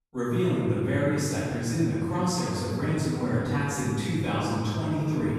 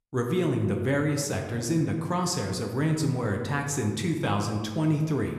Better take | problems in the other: second | room echo; strong; dies away in 2.1 s; slight in the second // off-mic speech; far

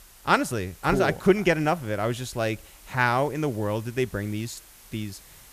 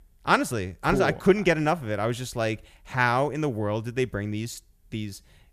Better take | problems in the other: second | hiss; faint; throughout; 25 dB below the speech

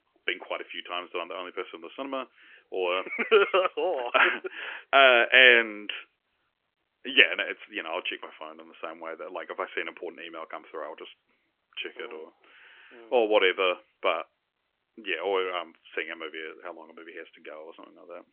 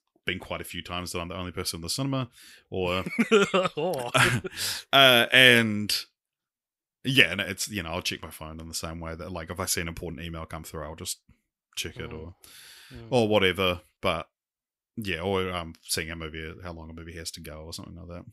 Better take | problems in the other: second | phone-call audio; nothing above 3.5 kHz

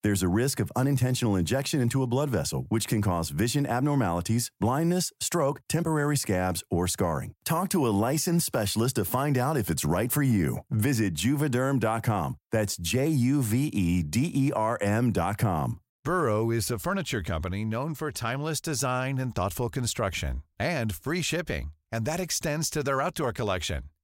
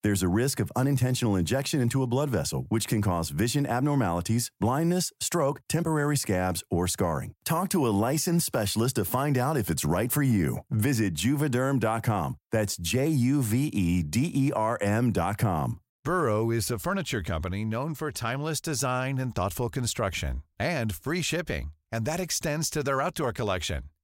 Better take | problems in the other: neither | none

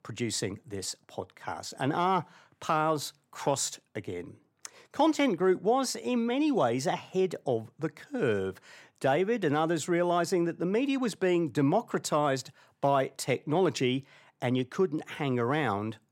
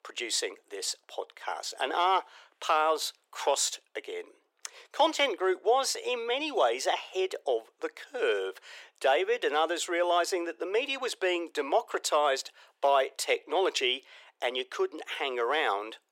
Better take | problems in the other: first | thin; very; fading below 400 Hz

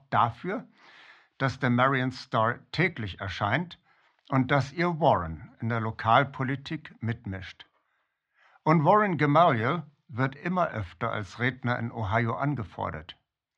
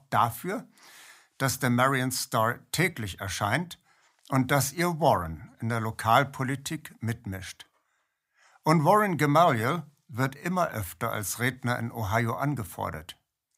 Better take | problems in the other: second | muffled; slightly; fading above 4 kHz

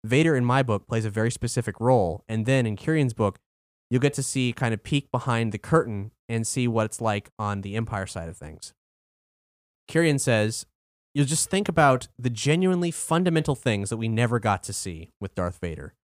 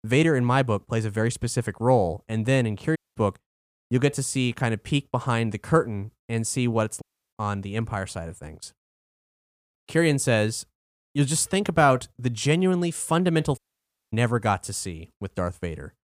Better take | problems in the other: first | audio cutting out; at 3 s, at 7 s and at 14 s for 0.5 s

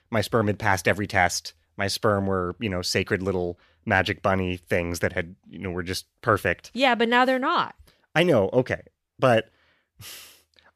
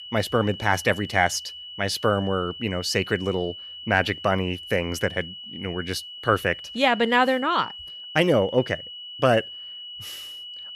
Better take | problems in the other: first | high-pitched whine; noticeable; throughout; 3 kHz, 10 dB below the speech

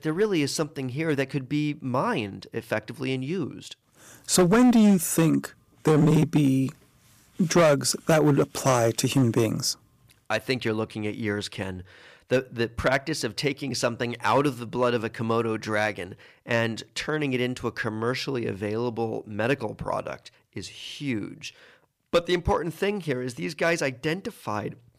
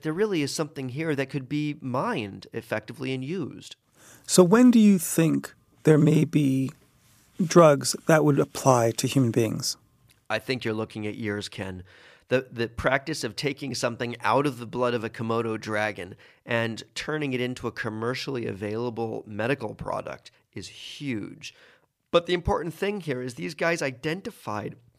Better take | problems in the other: second | distortion; slight; 3% of the sound clipped

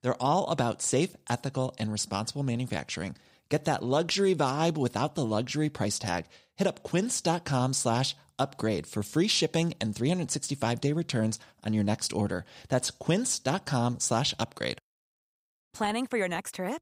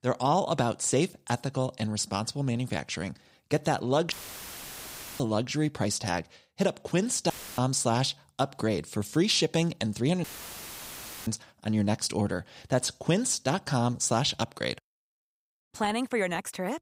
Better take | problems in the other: first | audio cutting out; filled with static; at 4 s for 1 s, at 7.5 s and at 10 s for 1 s

